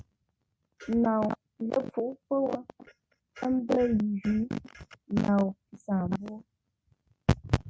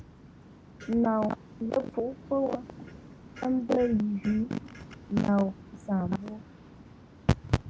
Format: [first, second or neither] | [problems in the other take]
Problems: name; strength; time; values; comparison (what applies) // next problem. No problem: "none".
first | background sound (Waves, surf); 19 dB below the speech